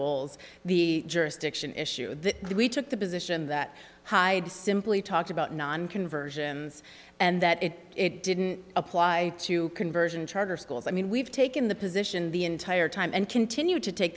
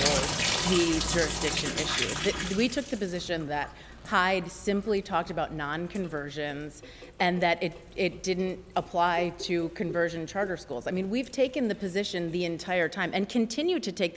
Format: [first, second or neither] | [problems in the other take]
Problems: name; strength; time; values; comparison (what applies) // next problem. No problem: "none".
first | background sound (Drip / Sink (filling or washing)); 7 dB below the speech